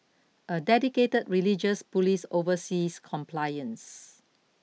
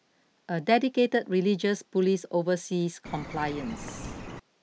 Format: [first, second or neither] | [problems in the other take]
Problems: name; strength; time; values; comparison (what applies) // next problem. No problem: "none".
first | background sound (Bird); 11 dB below the speech